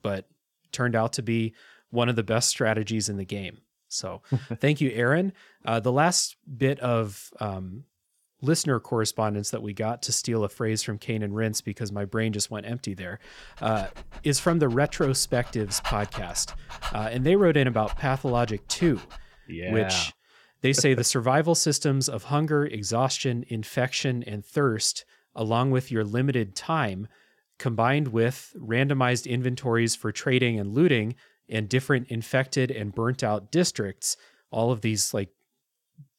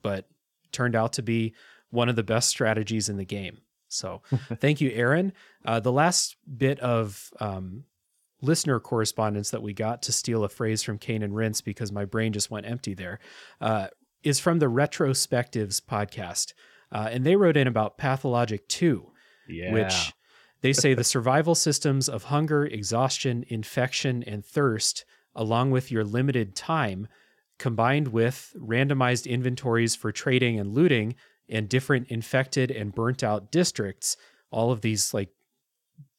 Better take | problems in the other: second | dog barking; noticeable; from 14 to 19 s; peak 8 dB below the speech

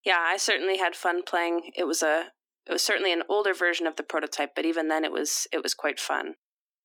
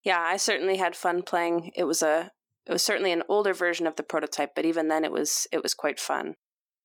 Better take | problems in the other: second | thin; very slightly; fading below 250 Hz

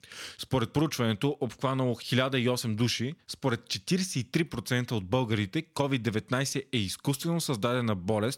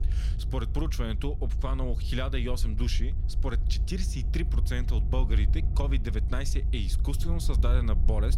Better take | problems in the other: first | low rumble; noticeable; throughout; 10 dB below the speech

